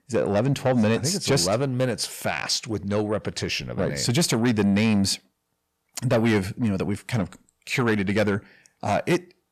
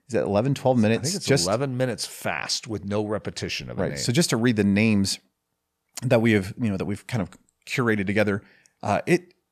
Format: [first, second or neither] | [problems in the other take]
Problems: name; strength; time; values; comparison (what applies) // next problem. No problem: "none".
second | distortion; slight; 10 dB below the speech